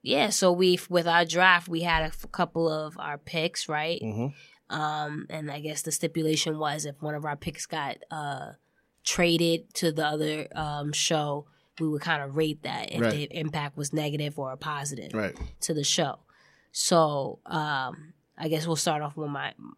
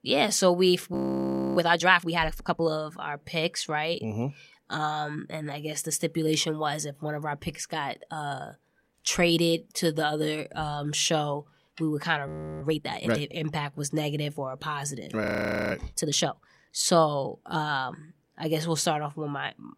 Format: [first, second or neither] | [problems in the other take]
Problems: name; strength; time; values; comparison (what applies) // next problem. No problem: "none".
first | audio freezing; at 1 s for 0.5 s, at 12 s and at 15 s